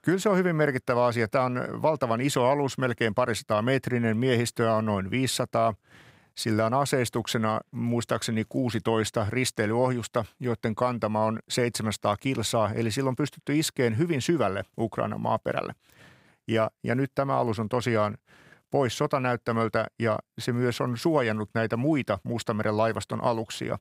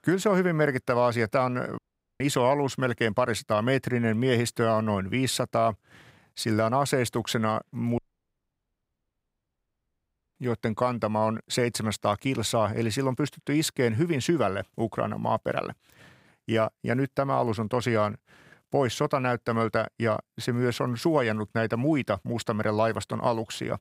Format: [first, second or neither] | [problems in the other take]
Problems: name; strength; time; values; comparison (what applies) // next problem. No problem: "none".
first | audio cutting out; at 2 s and at 8 s for 2.5 s